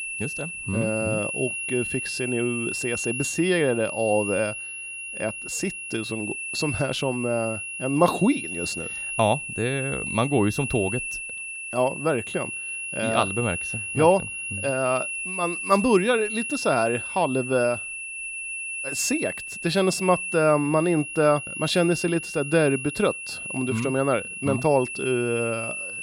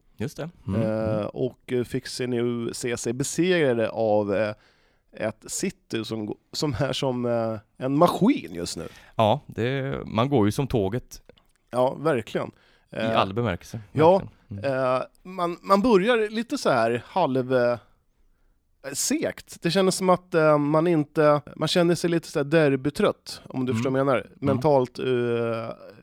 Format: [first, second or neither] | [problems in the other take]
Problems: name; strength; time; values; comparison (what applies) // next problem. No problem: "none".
second | high-pitched whine; loud; throughout; 2.5 kHz, 5 dB below the speech